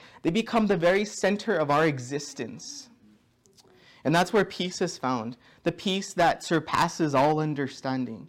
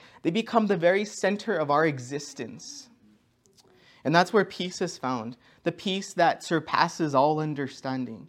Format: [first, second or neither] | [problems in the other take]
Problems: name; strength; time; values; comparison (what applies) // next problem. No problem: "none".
second | distortion; slight; 4% of the sound clipped